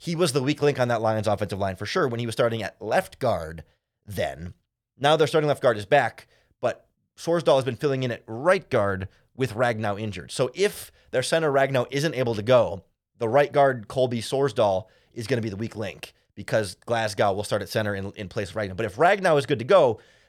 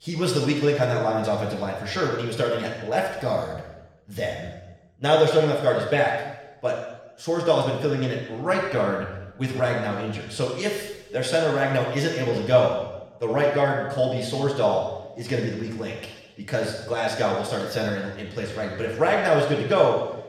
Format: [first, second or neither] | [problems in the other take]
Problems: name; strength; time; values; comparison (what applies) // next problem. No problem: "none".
first | room echo; noticeable; dies away in 0.9 s // off-mic speech; far